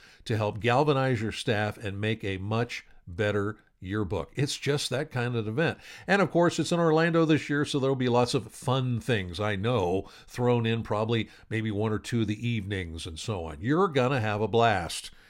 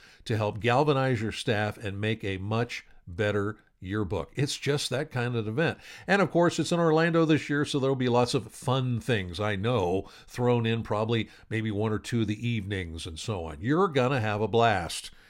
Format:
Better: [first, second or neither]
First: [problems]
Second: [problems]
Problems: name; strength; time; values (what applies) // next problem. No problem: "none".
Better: neither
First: none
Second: none